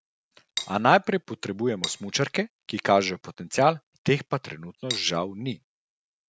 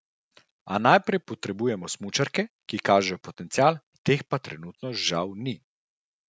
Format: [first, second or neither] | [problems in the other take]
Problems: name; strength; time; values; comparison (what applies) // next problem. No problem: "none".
second | background sound (Cutlery, silverware); 10 dB below the speech